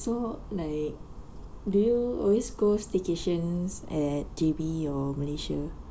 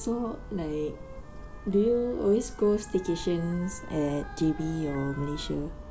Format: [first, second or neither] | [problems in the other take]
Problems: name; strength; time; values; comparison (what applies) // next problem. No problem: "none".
first | background sound (Wind instrument, woodwind instrument + Motor vehicle (road) / Siren); 19 dB below the speech